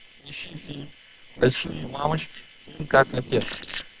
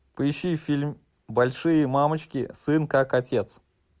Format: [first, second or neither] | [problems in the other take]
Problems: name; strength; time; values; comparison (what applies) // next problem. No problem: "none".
second | noise reduction (neural separator model SepFormer WHAM!)